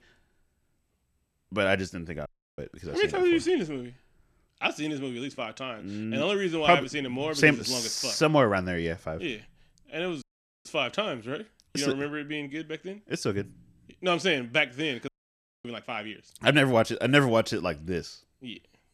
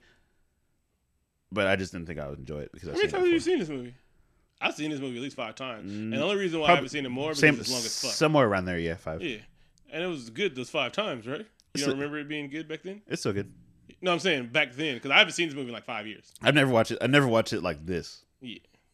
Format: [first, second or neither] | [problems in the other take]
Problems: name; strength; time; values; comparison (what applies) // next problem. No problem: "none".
second | audio cutting out; at 2.5 s, at 10 s and at 15 s for 0.5 s